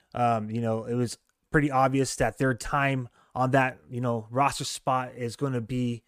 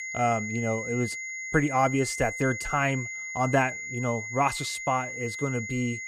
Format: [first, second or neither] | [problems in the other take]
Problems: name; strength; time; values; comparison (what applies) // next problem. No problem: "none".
first | high-pitched whine; loud; throughout; 2 kHz, 6 dB below the speech